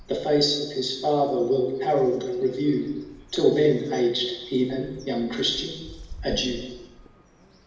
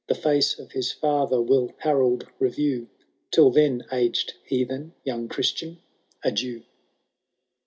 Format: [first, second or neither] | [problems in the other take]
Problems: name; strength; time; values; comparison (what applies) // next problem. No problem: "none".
second | background sound (Bird); 20 dB below the speech // room echo; dies away in 1 s